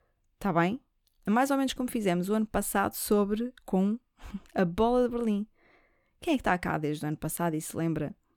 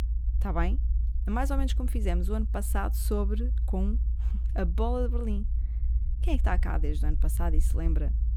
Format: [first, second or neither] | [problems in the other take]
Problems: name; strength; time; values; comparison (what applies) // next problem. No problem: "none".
first | low rumble; noticeable; throughout; 15 dB below the speech